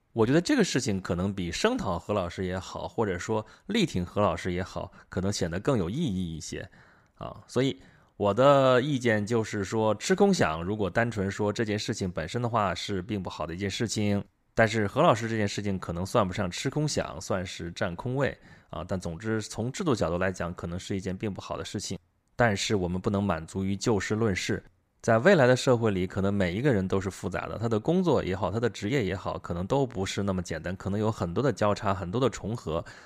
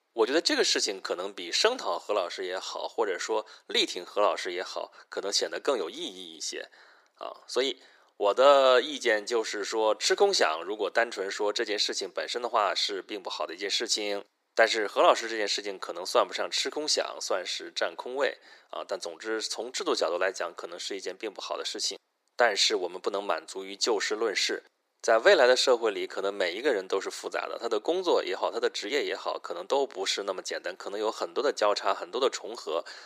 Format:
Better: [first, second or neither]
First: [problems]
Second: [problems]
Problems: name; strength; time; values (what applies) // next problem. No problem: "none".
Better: first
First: none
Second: thin; very; fading below 350 Hz